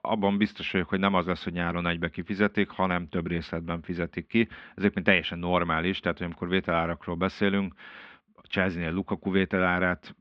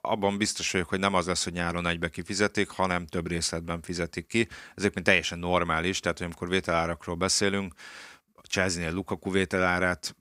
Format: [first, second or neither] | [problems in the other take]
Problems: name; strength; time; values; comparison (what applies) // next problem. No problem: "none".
second | muffled; very; fading above 3.5 kHz